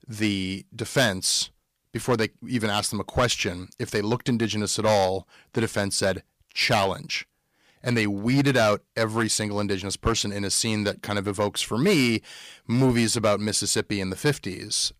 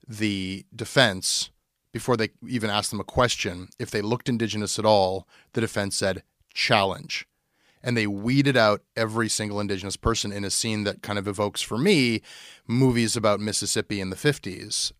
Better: second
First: distortion; slight; 3% of the sound clipped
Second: none

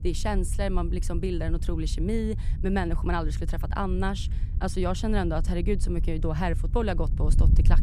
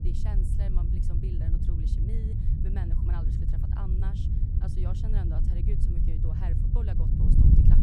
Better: first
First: wind noise on the microphone; occasional gusts; 15 dB below the speech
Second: wind noise on the microphone; heavy; 5 dB above the speech

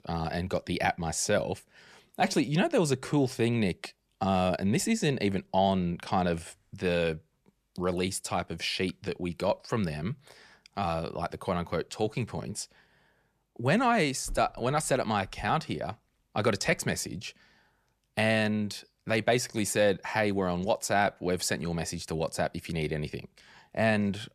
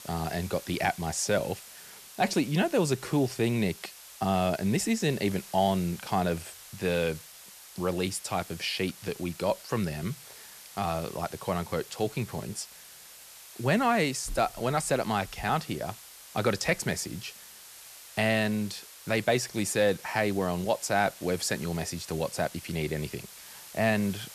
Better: first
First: none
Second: hiss; noticeable; throughout; 15 dB below the speech

